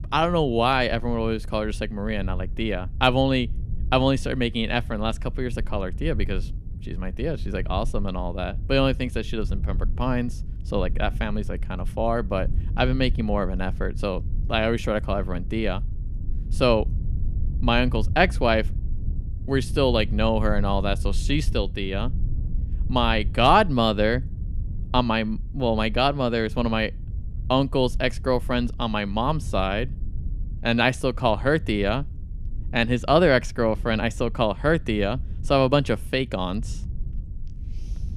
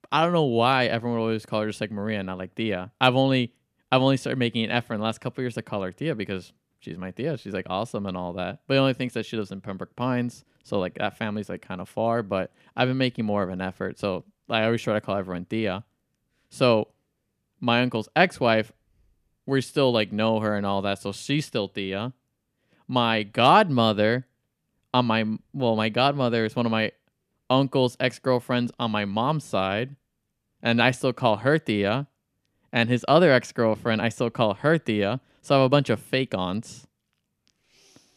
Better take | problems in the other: second | low rumble; faint; throughout; 25 dB below the speech

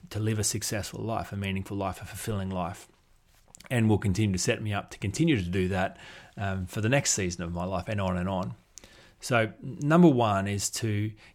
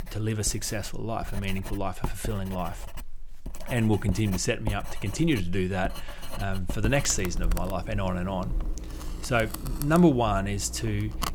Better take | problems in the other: first | household noises; loud; throughout; 10 dB below the speech

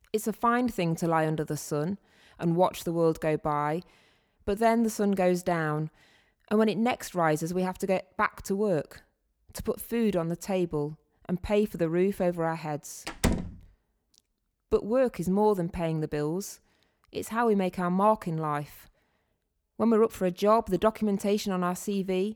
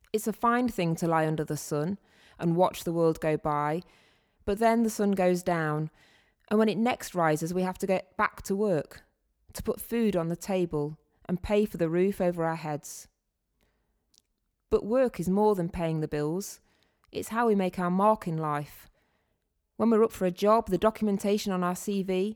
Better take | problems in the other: second | door banging; noticeable; at 13 s; peak 1 dB below the speech

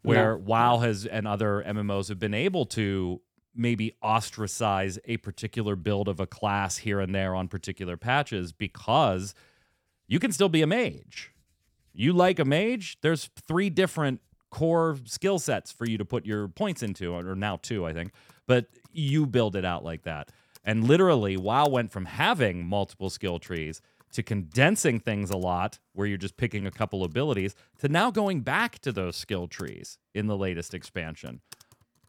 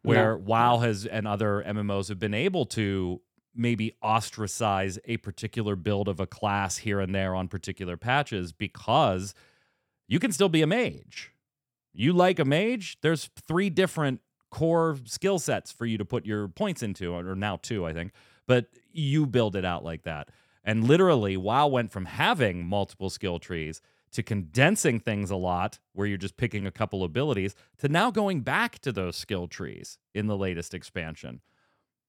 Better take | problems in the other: second | household noises; faint; throughout; 30 dB below the speech

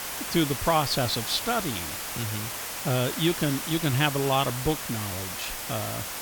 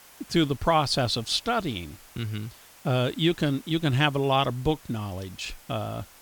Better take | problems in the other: second | hiss; loud; throughout; 4 dB below the speech; faint in the second

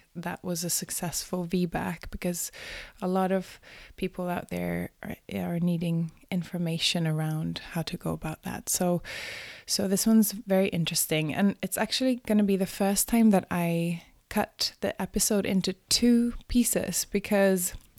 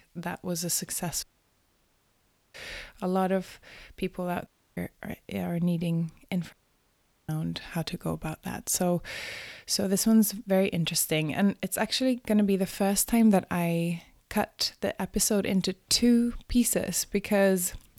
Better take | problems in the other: first | audio cutting out; at 1 s for 1.5 s, at 4.5 s and at 6.5 s for 1 s

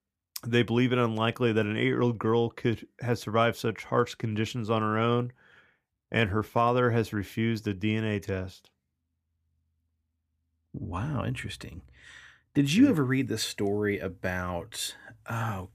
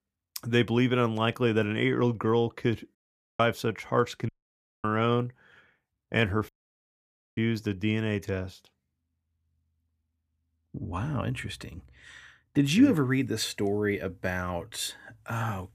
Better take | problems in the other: first | audio cutting out; at 3 s, at 4.5 s for 0.5 s and at 6.5 s for 1 s

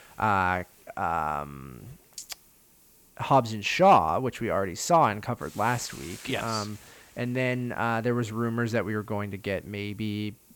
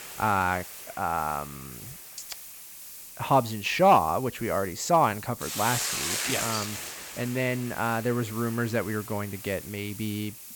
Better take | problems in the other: first | hiss; loud; throughout; 8 dB below the speech; faint in the first

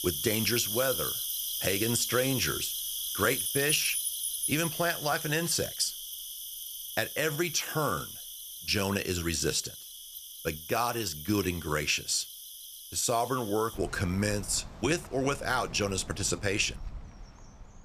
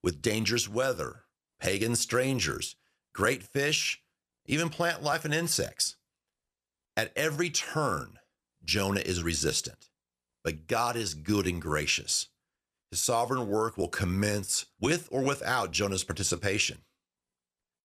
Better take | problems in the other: second | animal sounds; loud; throughout; 4 dB below the speech

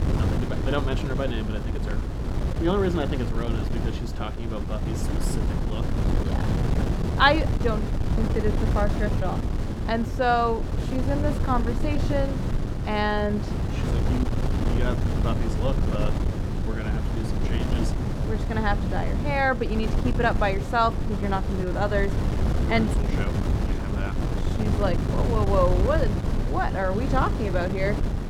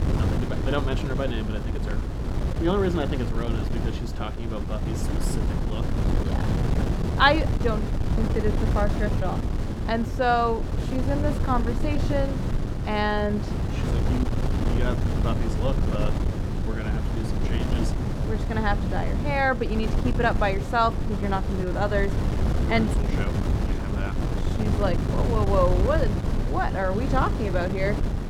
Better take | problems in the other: neither | wind noise on the microphone; heavy; 8 dB below the speech; the same in both

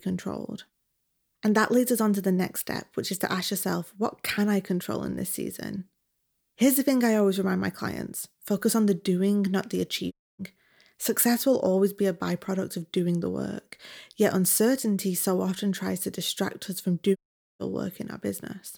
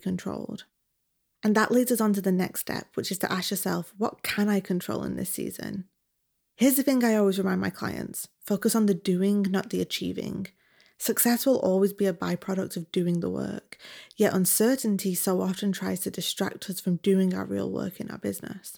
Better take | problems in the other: second | audio cutting out; at 10 s and at 17 s

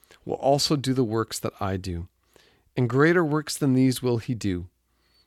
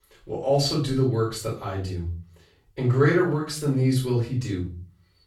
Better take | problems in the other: first | off-mic speech; far // room echo; noticeable; dies away in 0.4 s

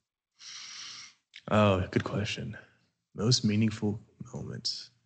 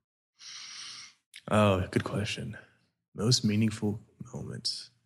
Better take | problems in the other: second | garbled, watery; slightly; nothing above 8 kHz

